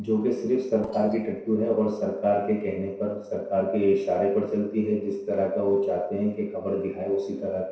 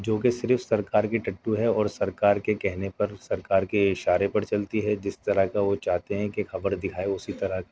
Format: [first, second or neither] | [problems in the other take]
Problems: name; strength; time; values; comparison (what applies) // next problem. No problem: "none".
second | noise reduction (neural separator model SepFormer DNS4)